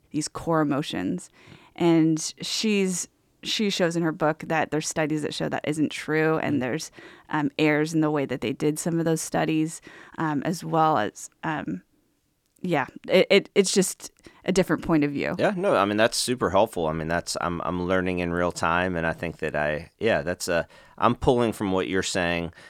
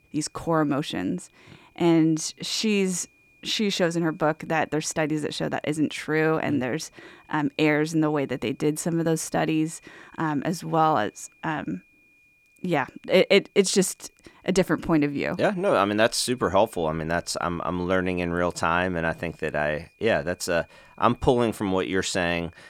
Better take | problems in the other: first | high-pitched whine; faint; throughout; 2.5 kHz, 35 dB below the speech

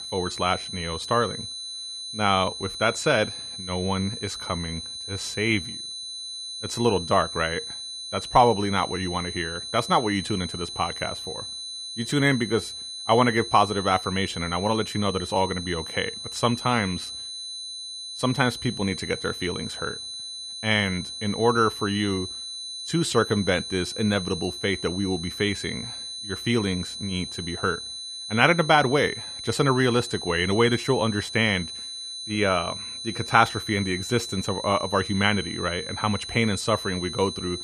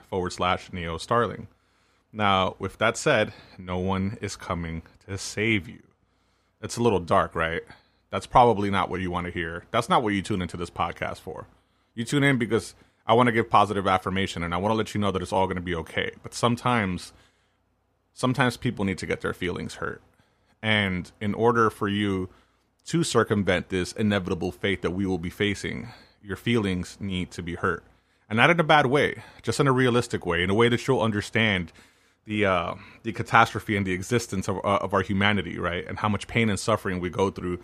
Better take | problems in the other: second | high-pitched whine; loud; throughout; 4 kHz, 8 dB below the speech

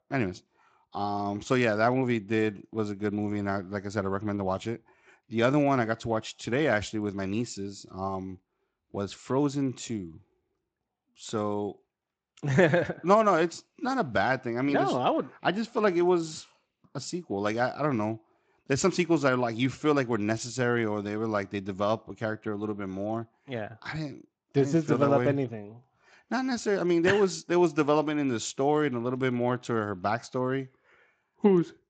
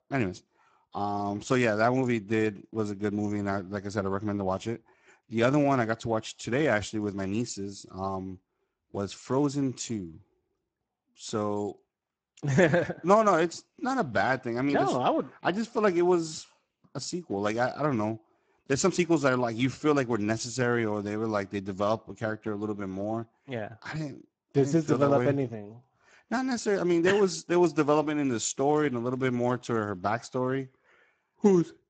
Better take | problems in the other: first | garbled, watery; badly; nothing above 7.5 kHz; slightly in the first

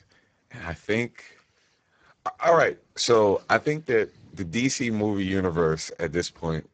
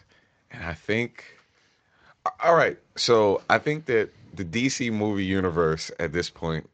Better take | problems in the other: second | garbled, watery; badly; nothing above 7.5 kHz; slightly in the second

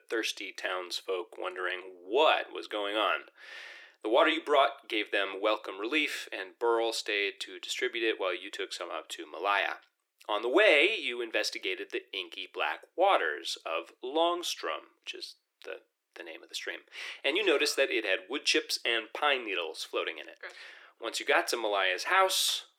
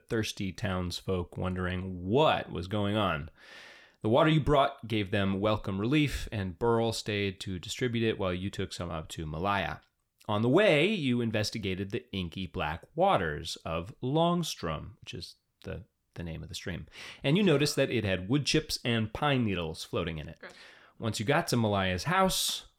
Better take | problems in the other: second | thin; very; fading below 350 Hz

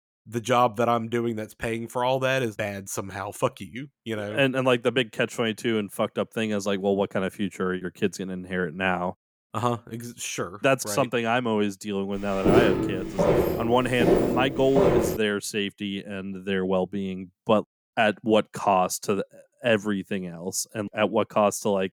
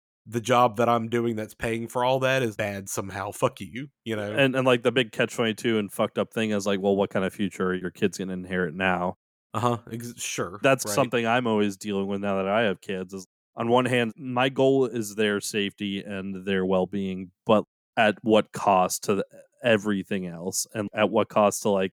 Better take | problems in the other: second | footsteps; loud; from 12 to 15 s; peak 5 dB above the speech

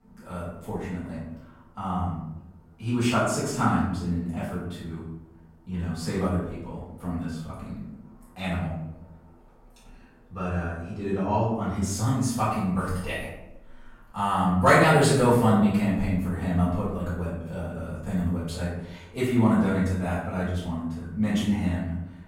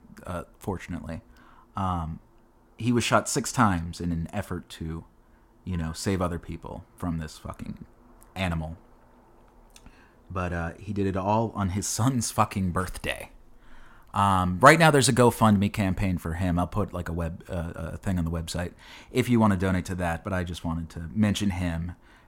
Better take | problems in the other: second | off-mic speech; far // room echo; noticeable; dies away in 0.8 s

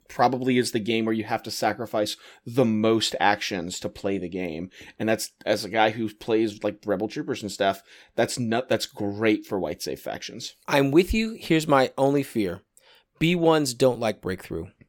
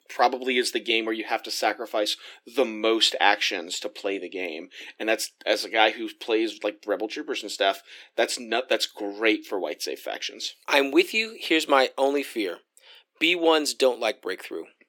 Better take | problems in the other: first | thin; somewhat; fading below 300 Hz

